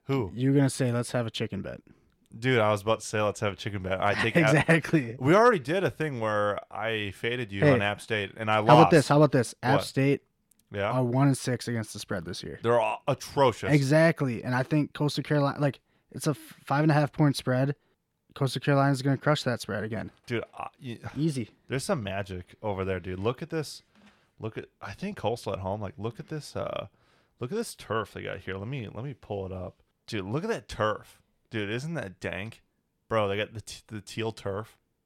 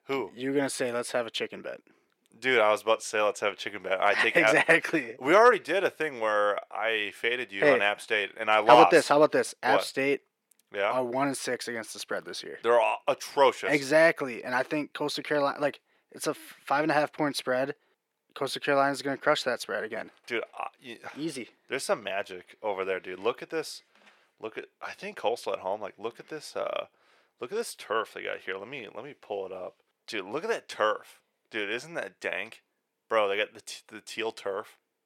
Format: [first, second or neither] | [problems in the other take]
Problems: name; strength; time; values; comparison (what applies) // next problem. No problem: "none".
first | thin; somewhat; fading below 450 Hz